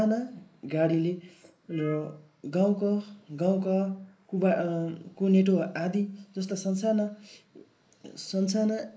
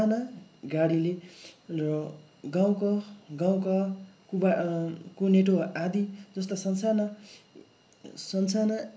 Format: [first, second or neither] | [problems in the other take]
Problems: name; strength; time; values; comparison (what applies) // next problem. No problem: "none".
second | noise reduction (neural mask model Resemble Enhance denoiser)